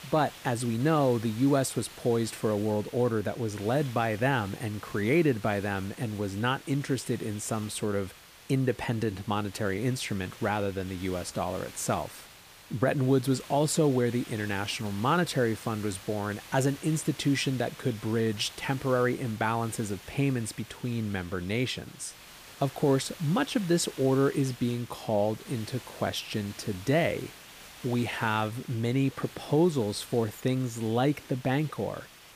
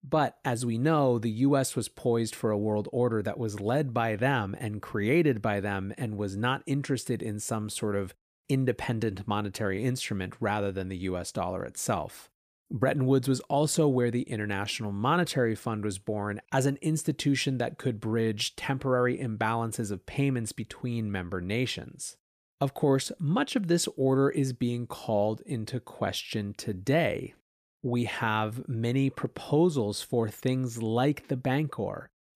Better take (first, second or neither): second